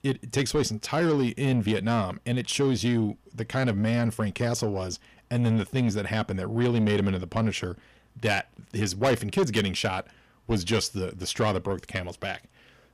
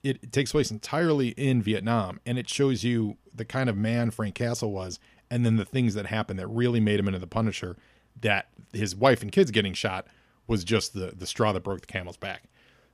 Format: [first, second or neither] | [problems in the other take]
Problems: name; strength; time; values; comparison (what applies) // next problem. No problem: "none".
second | distortion; slight; 10 dB below the speech